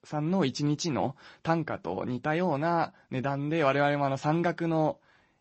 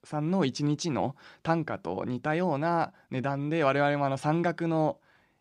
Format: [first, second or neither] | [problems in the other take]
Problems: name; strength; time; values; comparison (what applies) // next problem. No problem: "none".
second | garbled, watery; slightly; nothing above 7 kHz